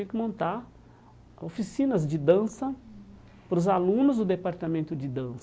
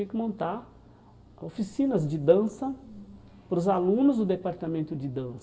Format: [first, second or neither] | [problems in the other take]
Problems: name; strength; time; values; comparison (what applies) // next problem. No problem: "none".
first | room echo; dies away in 0.9 s